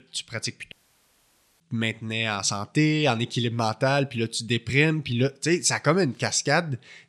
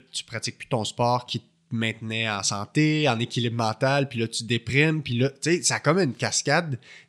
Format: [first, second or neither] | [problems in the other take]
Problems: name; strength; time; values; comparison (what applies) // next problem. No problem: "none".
second | audio cutting out; at 0.5 s for 1 s